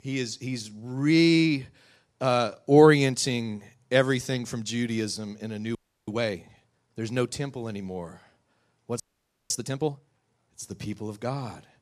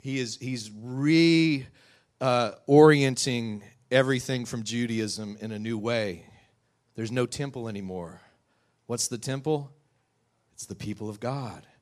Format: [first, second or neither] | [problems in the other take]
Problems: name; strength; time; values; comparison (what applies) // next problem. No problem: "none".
second | audio freezing; at 6 s and at 9 s for 0.5 s